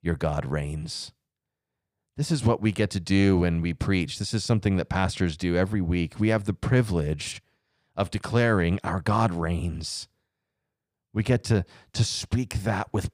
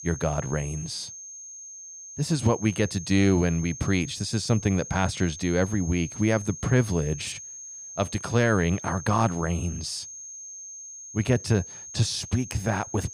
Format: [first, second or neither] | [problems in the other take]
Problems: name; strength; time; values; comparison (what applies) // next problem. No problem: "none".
first | high-pitched whine; noticeable; throughout; 6.5 kHz, 10 dB below the speech